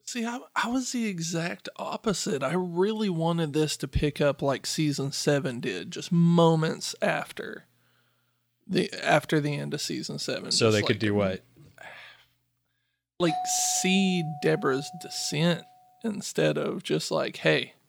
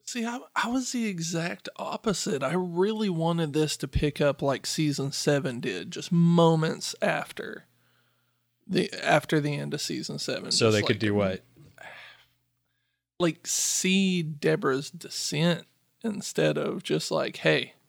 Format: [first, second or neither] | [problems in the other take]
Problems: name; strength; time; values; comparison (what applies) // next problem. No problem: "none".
second | doorbell; noticeable; from 13 to 15 s; peak 5 dB below the speech